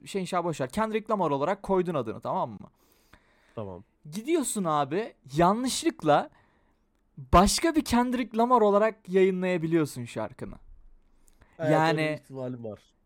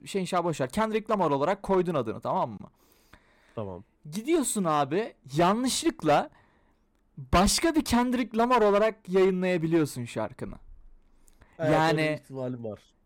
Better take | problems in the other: first | distortion; slight; 4% of the sound clipped

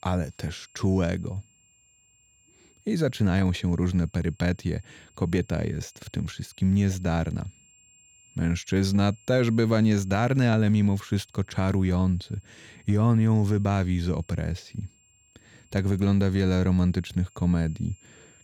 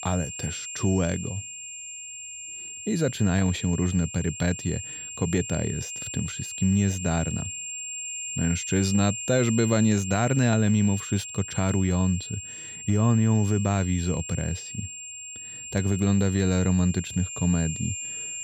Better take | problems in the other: first | high-pitched whine; loud; throughout; 7.5 kHz, 8 dB below the speech; faint in the first

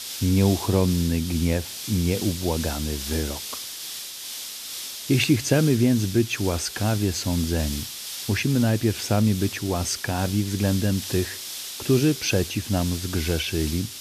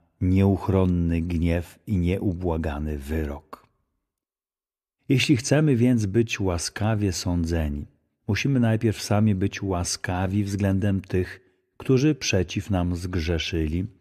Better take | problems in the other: second | hiss; loud; throughout; 8 dB below the speech

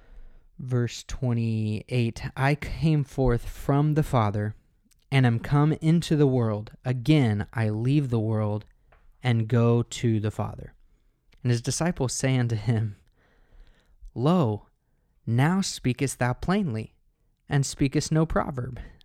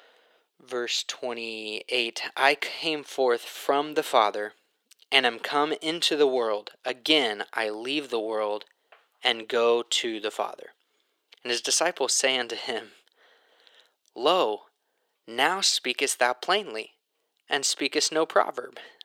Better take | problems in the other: first | thin; very; fading below 400 Hz

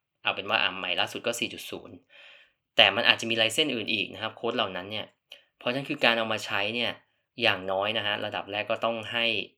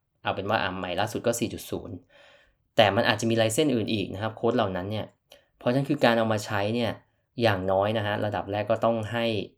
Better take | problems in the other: second | thin; very slightly; fading below 250 Hz

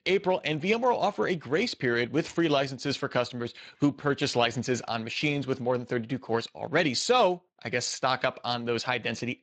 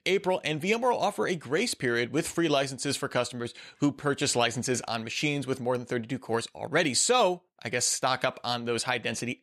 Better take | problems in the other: second | garbled, watery; slightly; nothing above 7.5 kHz

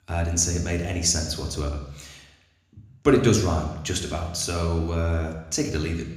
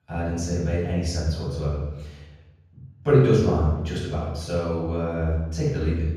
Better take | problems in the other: first | room echo; strong; dies away in 1.3 s; slight in the first // off-mic speech; far

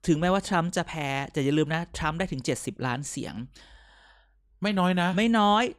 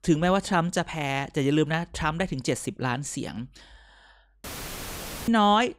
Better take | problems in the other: first | audio cutting out; filled with static; at 4.5 s for 1 s

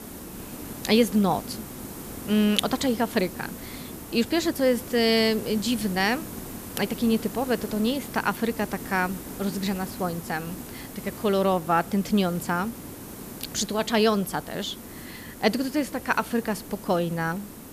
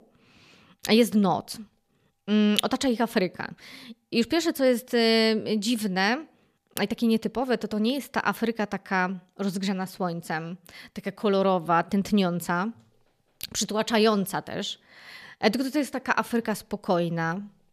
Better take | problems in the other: second | hiss; noticeable; throughout; 15 dB below the speech

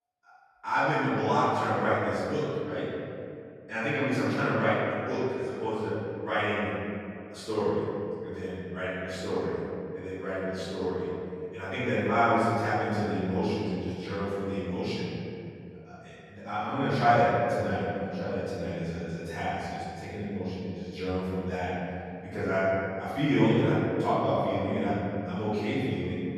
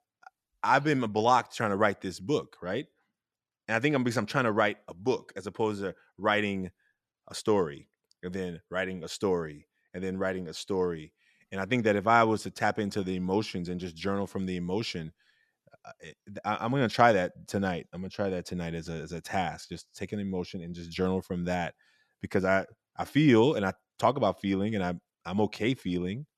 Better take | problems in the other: second | off-mic speech; far // room echo; strong; dies away in 2.4 s

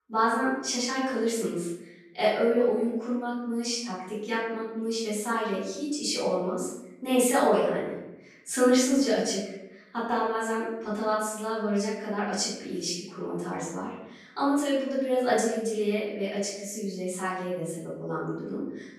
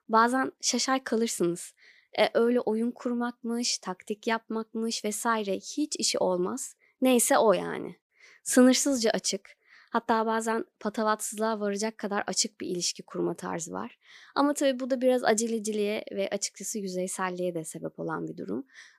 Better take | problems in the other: second | room echo; noticeable; dies away in 0.8 s // off-mic speech; far

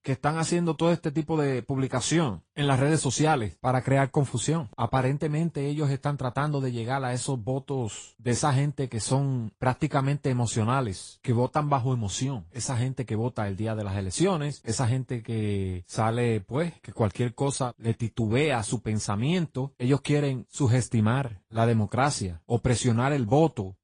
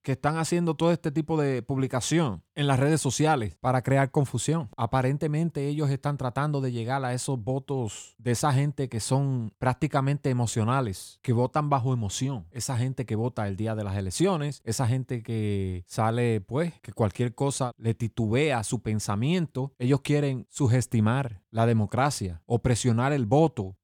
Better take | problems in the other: second | garbled, watery; slightly; nothing above 10 kHz

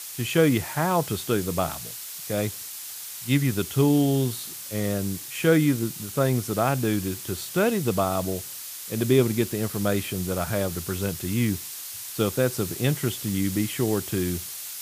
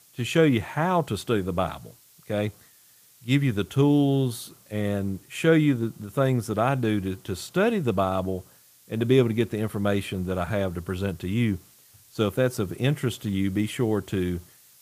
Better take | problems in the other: second | hiss; loud; throughout; 8 dB below the speech; faint in the second

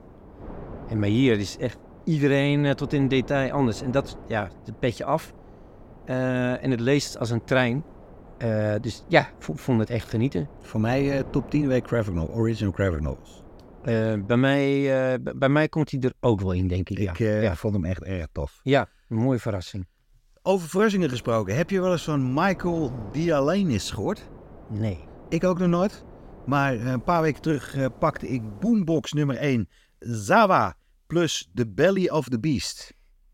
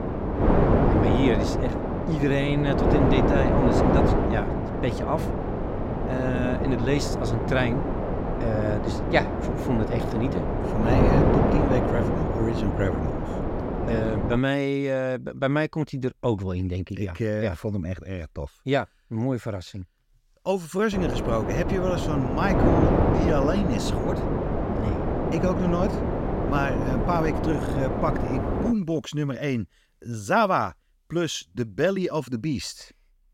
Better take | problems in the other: first | wind noise on the microphone; heavy; until 14 s and from 21 to 29 s; 1 dB above the speech; occasional gusts in the first

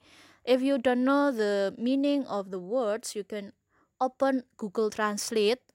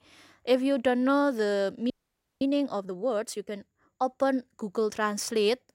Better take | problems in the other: first | audio freezing; at 2 s for 0.5 s

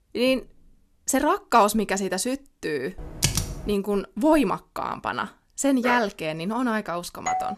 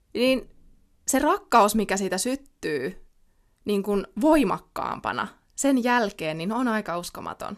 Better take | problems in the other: second | keyboard typing; loud; at 3 s; peak level with the speech // dog barking; noticeable; at 6 s; peak 6 dB below the speech // doorbell; very faint; at 7.5 s; peak 3 dB below the speech

